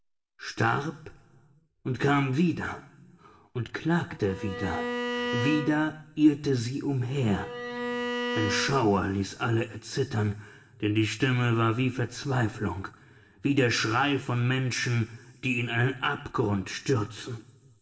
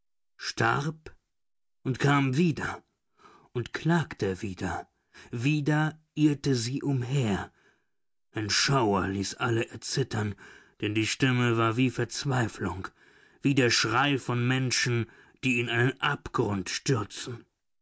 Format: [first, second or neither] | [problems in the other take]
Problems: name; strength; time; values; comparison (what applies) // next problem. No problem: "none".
second | background sound (Bowed string instrument); 6 dB below the speech // room echo; dies away in 1.9 s